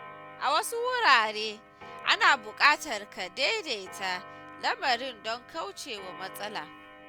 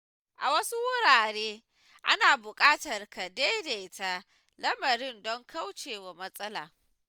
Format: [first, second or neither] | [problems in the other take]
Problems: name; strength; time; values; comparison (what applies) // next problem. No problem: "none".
second | background sound (Clock); 18 dB below the speech